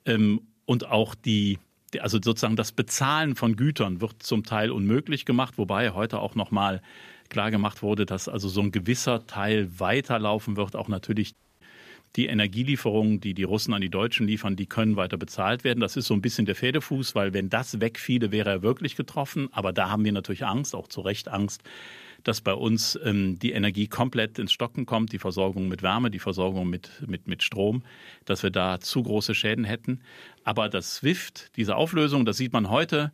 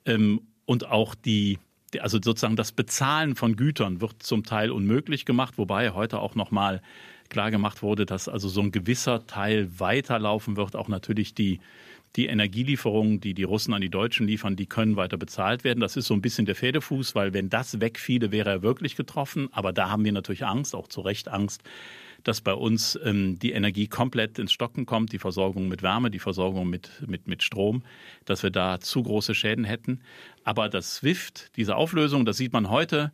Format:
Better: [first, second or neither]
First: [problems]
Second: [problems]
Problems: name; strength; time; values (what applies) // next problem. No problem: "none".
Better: second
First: audio cutting out; at 11 s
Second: none